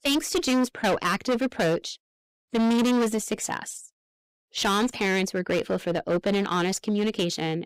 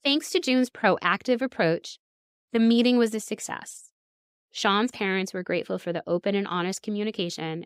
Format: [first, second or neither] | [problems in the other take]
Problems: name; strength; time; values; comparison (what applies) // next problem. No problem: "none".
second | distortion; heavy; 18% of the sound clipped